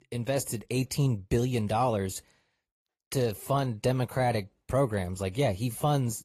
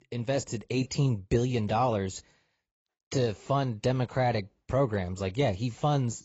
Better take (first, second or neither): first